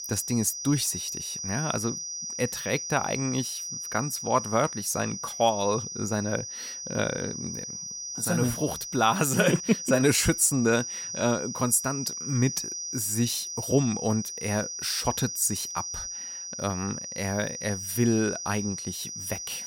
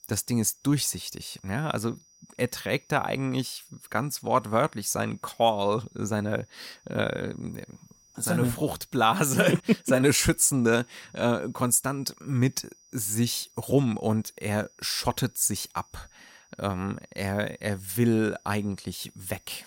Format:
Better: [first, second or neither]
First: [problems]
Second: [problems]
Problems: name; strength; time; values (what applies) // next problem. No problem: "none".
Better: second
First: high-pitched whine; loud; throughout; 6 kHz, 6 dB below the speech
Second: high-pitched whine; faint; throughout; 6 kHz, 30 dB below the speech